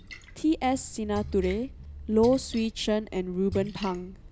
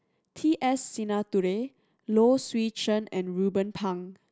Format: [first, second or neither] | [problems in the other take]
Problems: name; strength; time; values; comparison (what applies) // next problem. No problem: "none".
second | background sound (Splash, splatter); 13 dB below the speech